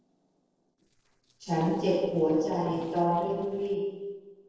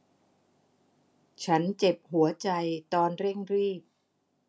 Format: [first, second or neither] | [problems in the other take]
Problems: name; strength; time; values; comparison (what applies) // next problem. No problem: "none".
second | noise reduction (neural separator model SepFormer DNS4)